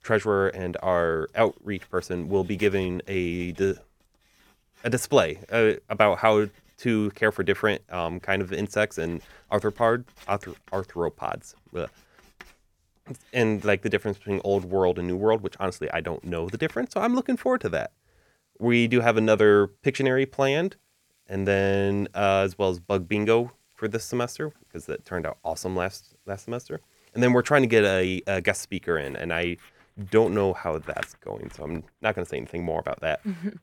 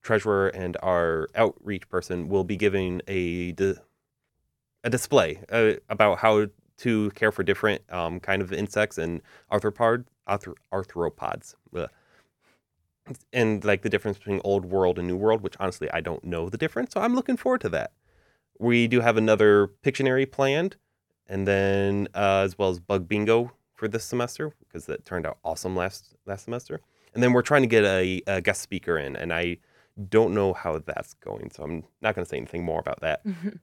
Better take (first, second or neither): second